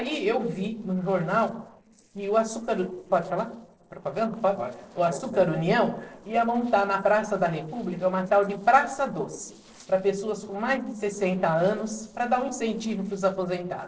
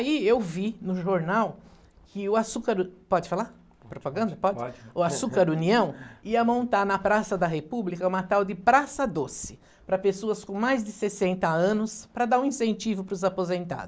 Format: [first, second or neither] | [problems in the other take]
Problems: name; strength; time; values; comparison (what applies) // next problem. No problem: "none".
second | noise reduction (neural separator model SepFormer DNS4)